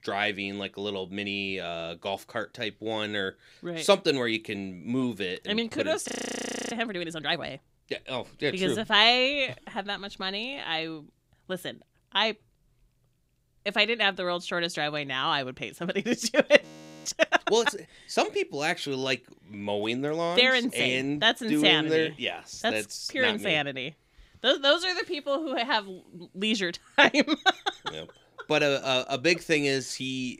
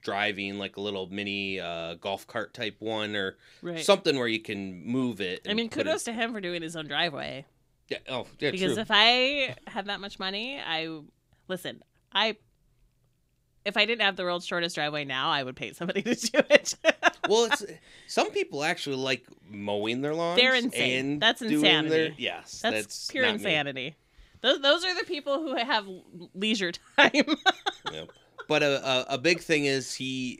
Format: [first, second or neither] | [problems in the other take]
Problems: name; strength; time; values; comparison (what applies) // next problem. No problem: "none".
second | audio freezing; at 6 s for 0.5 s and at 17 s